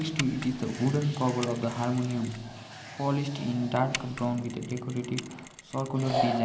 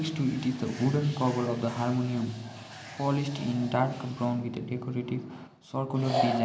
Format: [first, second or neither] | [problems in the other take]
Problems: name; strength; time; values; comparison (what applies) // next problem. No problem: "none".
second | background sound (Mechanisms); 14 dB below the speech